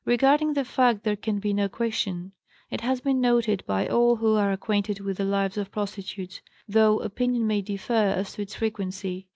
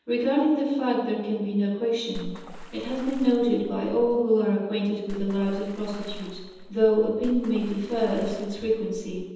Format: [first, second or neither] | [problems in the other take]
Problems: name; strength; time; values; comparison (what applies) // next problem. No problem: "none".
first | background sound (Water / Splash, splatter); 14 dB below the speech // room echo; dies away in 1.1 s